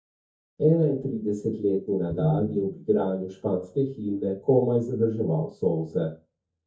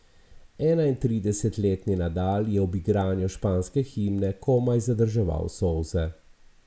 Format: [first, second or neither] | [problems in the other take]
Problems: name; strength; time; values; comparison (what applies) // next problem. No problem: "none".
second | noise reduction (neural mask model DeepFilterNet 3)